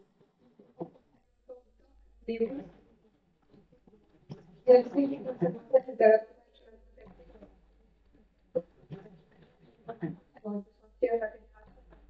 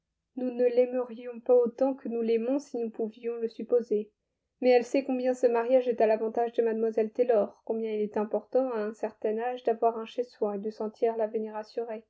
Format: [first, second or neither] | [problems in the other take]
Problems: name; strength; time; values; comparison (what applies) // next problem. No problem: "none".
second | noise reduction (neural mask model DeepFilterNet 3)